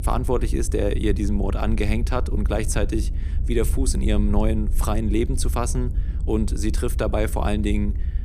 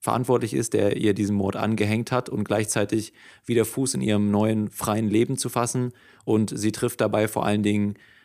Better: second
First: low rumble; noticeable; throughout; 15 dB below the speech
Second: none

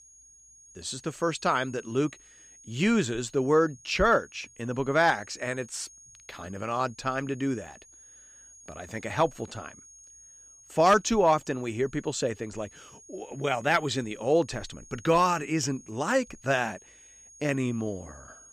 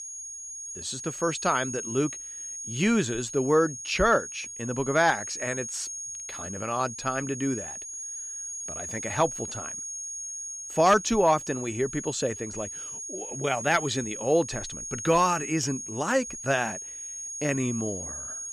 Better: first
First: high-pitched whine; faint; throughout; 6.5 kHz, 25 dB below the speech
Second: high-pitched whine; loud; throughout; 6.5 kHz, 8 dB below the speech

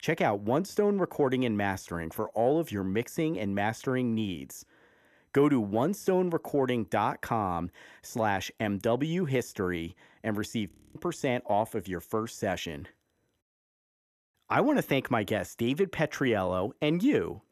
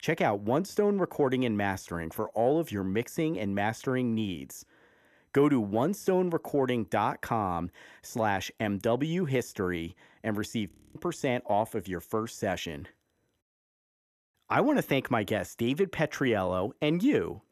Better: neither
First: audio freezing; at 11 s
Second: audio freezing; at 11 s

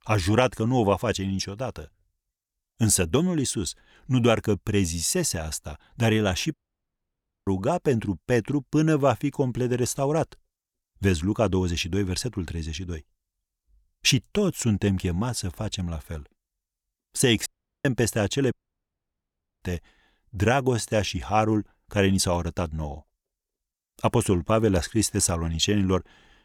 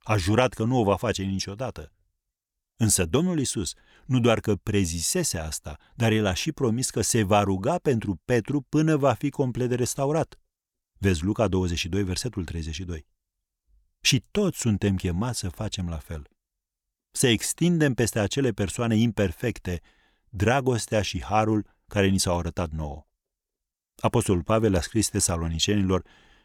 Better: second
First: audio cutting out; at 6.5 s for 1 s, at 17 s and at 19 s for 1 s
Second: none

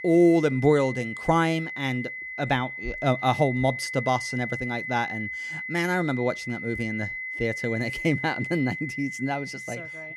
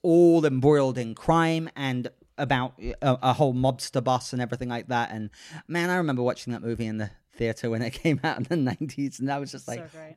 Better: second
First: high-pitched whine; loud; throughout; 2 kHz, 7 dB below the speech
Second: none

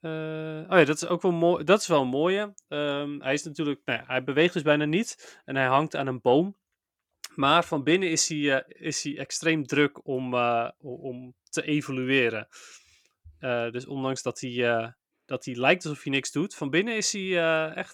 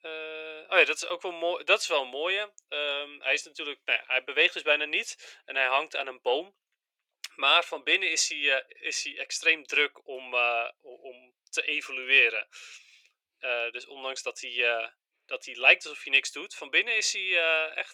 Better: first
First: none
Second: thin; very; fading below 450 Hz

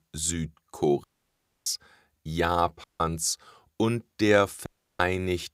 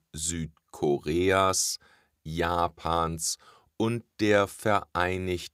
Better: second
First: audio cutting out; at 1 s for 0.5 s, at 3 s and at 4.5 s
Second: none

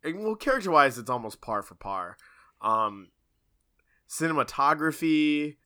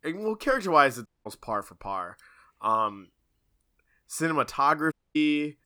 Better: first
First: none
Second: audio cutting out; at 1 s and at 5 s

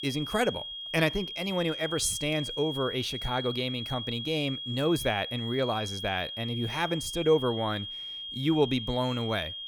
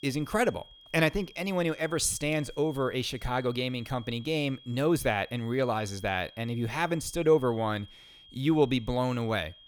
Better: second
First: high-pitched whine; loud; throughout; 3.5 kHz, 6 dB below the speech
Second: high-pitched whine; faint; throughout; 3.5 kHz, 20 dB below the speech

